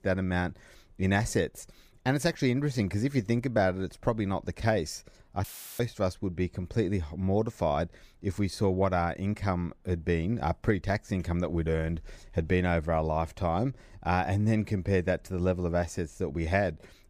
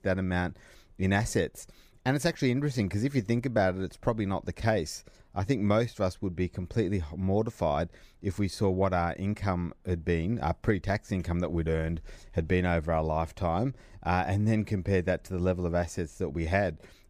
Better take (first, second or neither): second